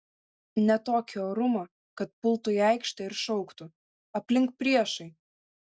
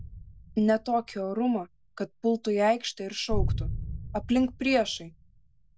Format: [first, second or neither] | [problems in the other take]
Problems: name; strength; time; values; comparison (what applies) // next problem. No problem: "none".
first | background sound (Boom); 7 dB below the speech